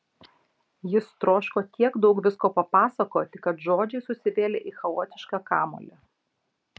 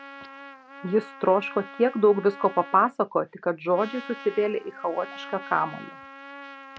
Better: first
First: none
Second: background sound (Trumpet); 17 dB below the speech

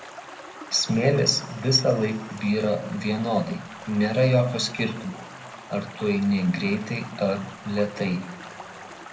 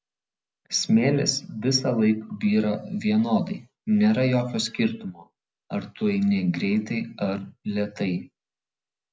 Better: second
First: background sound (Stream); 16 dB below the speech // room echo; dies away in 0.7 s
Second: none

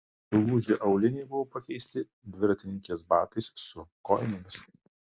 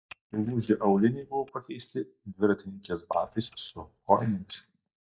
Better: first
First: none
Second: noise reduction (neural mask model DeepFilterNet 3)

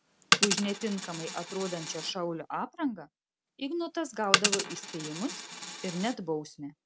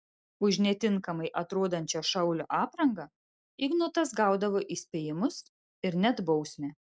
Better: second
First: background sound (Coin (dropping)); 1 dB above the speech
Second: none

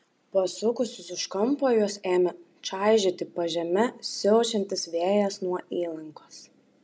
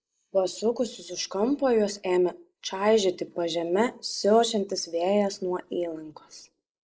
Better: first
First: none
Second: noise reduction (neural mask model Resemble Enhance denoiser)

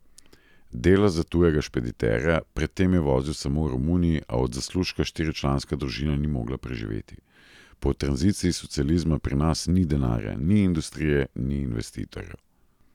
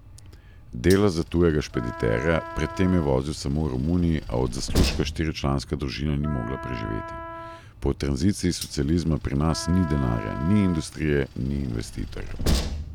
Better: first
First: none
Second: background sound (Train + Wind instrument, woodwind instrument); 8 dB below the speech

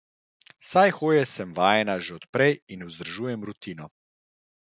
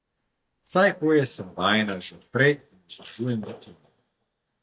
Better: first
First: none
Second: noise reduction (neural mask model DeepFilterNet 3)

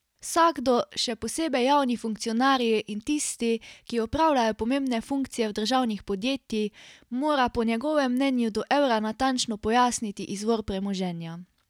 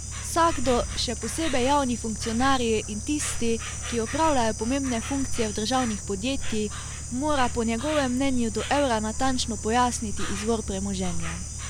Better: first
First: none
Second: background sound (Insect); 4 dB below the speech

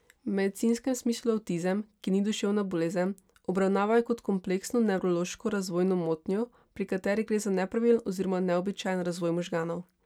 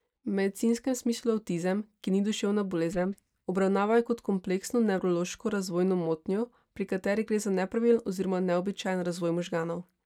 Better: first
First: none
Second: noise reduction (neural mask model DeepFilterNet 3)

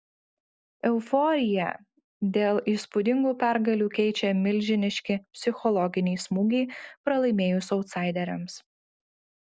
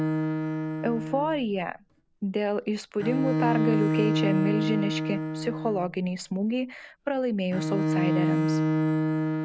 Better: first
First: none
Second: background sound (Bowed string instrument); 2 dB above the speech

